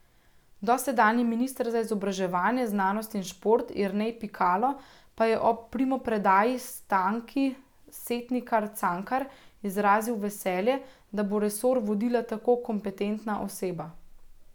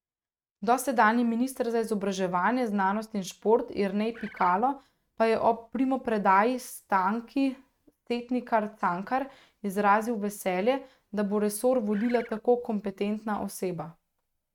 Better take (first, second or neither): first